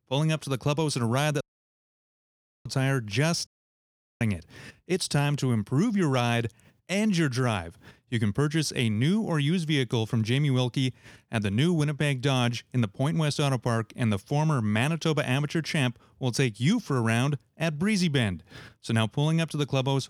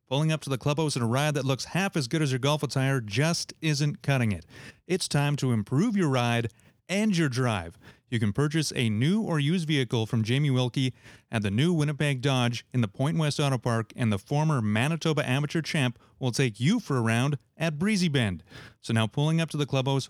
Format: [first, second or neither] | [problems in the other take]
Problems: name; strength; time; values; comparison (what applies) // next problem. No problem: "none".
second | audio cutting out; at 1.5 s for 1 s and at 3.5 s for 0.5 s